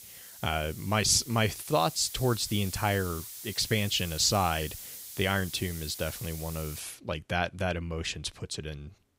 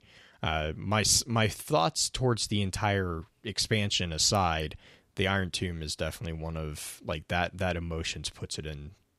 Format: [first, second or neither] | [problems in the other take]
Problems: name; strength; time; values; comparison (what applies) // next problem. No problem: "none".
second | hiss; noticeable; until 7 s; 10 dB below the speech